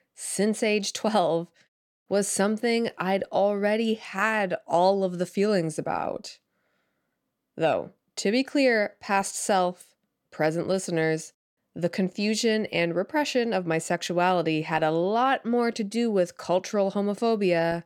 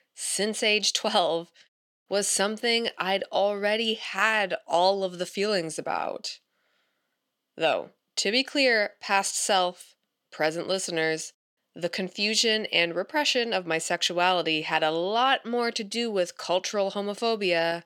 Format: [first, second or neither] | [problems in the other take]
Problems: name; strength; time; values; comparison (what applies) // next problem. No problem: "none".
first | thin; very slightly; fading below 950 Hz